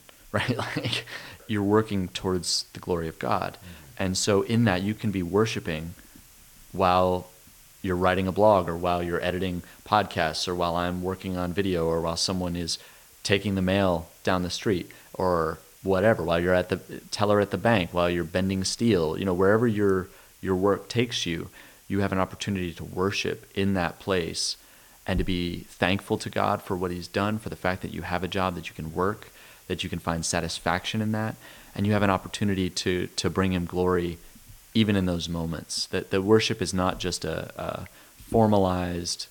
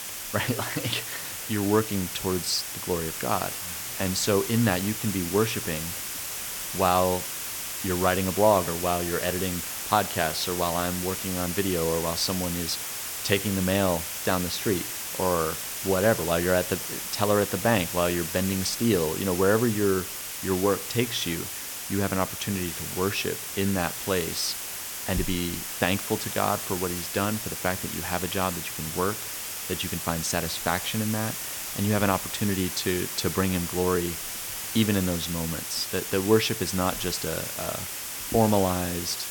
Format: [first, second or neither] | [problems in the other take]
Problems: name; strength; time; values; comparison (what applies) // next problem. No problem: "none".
first | hiss; loud; throughout; 4 dB below the speech; faint in the first